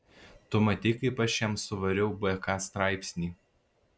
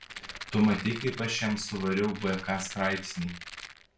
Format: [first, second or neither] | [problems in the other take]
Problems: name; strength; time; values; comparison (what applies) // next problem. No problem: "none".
first | background sound (Rattle); 13 dB below the speech // room echo; dies away in 0.3 s